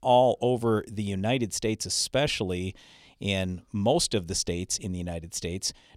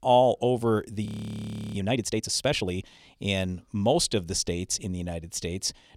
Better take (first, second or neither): first